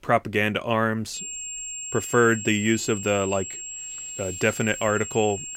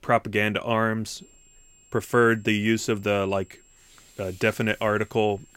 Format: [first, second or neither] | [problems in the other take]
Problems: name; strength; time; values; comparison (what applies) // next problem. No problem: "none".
second | high-pitched whine; loud; from 1 s on; 7.5 kHz, 8 dB below the speech; faint in the second